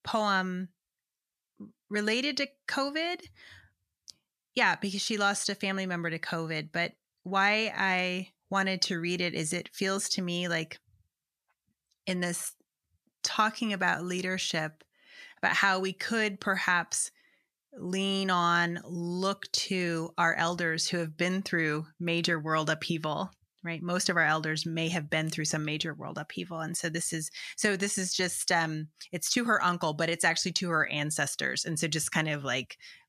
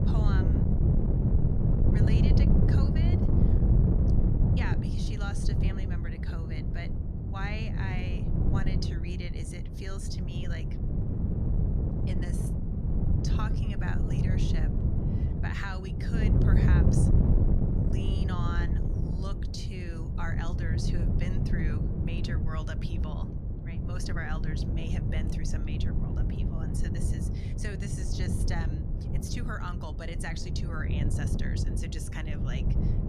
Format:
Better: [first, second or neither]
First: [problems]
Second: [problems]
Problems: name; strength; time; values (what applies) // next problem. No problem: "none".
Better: first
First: none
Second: wind noise on the microphone; heavy; 1 dB above the speech